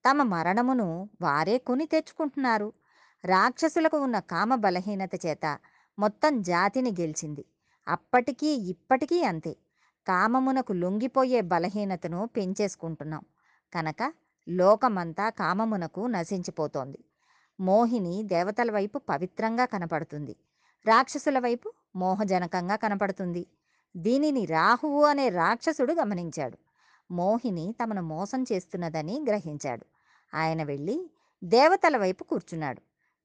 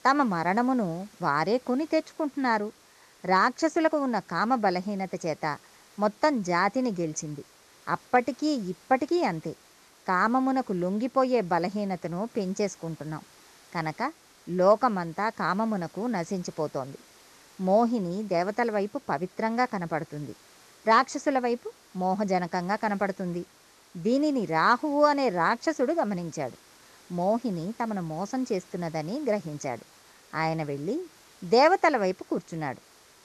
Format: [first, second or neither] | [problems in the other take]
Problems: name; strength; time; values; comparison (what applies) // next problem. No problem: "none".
first | hiss; faint; throughout; 25 dB below the speech